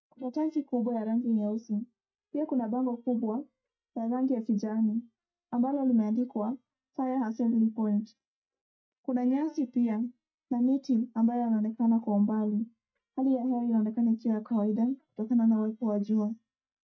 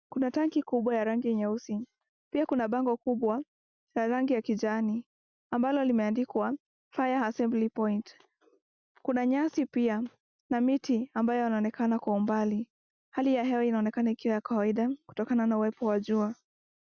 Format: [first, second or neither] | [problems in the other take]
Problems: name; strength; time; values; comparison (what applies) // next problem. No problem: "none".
second | noise reduction (neural mask model DeepFilterNet 3)